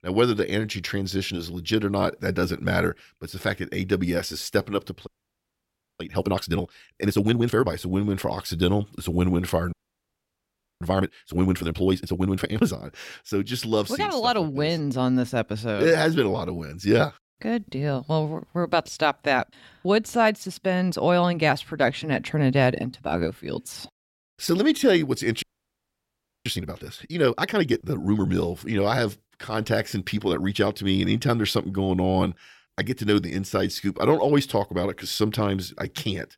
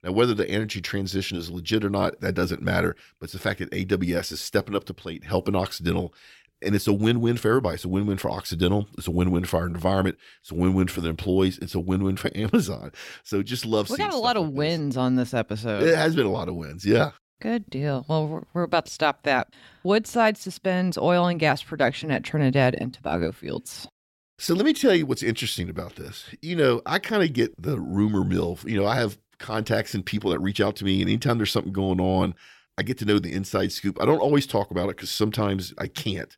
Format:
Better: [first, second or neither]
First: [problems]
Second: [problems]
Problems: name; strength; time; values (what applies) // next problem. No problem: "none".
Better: second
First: audio freezing; at 5 s for 1 s, at 9.5 s for 1 s and at 25 s for 1 s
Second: none